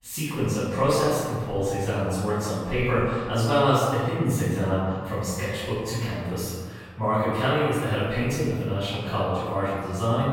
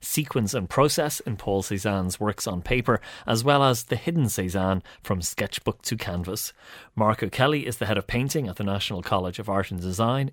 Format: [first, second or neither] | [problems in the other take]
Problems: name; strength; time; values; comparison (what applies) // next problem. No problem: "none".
second | off-mic speech; far // room echo; strong; dies away in 1.6 s